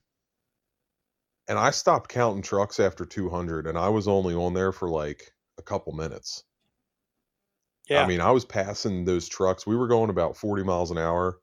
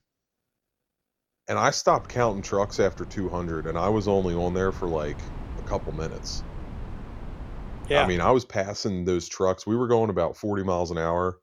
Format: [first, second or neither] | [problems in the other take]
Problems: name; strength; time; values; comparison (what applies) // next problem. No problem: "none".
first | wind noise on the microphone; occasional gusts; from 2 to 8.5 s; 20 dB below the speech